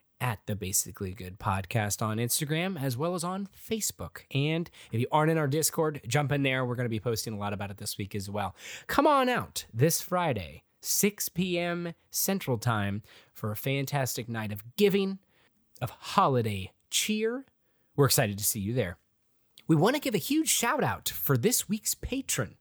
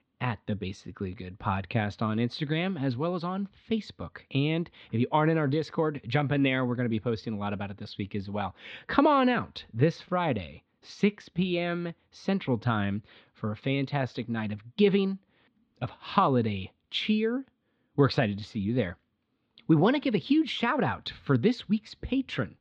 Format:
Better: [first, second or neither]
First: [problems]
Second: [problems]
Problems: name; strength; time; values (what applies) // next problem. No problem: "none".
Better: first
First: none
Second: muffled; slightly; fading above 4 kHz